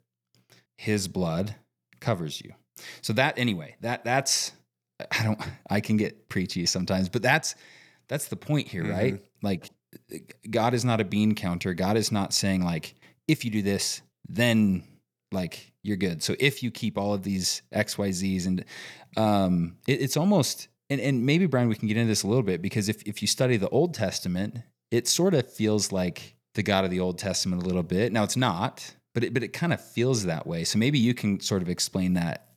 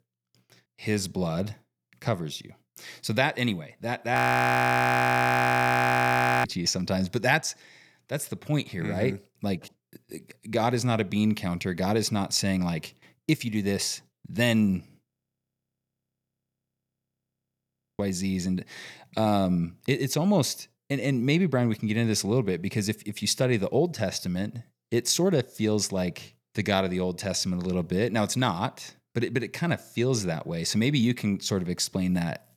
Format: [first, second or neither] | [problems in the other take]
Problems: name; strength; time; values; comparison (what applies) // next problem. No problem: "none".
first | audio freezing; at 4 s for 2.5 s and at 15 s for 3 s